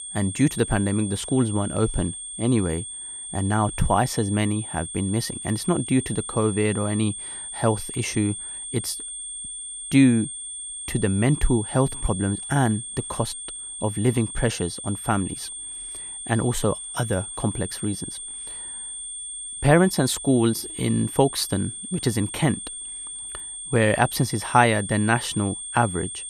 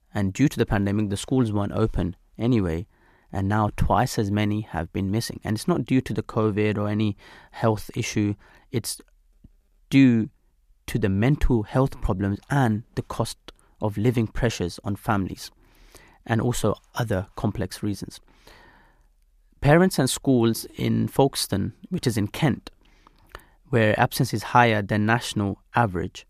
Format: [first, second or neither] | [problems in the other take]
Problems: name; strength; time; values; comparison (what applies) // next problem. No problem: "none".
second | high-pitched whine; loud; throughout; 8.5 kHz, 8 dB below the speech